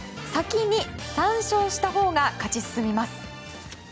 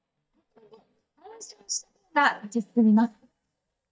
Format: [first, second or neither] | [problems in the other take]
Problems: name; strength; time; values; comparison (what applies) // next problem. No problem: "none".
first | noise reduction (neural mask model DeepFilterNet 3)